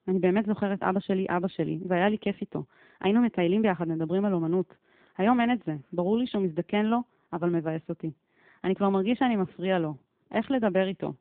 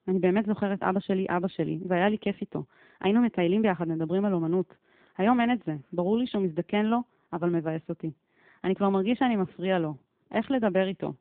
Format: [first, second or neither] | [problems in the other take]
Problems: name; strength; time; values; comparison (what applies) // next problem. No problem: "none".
neither | phone-call audio; the same in both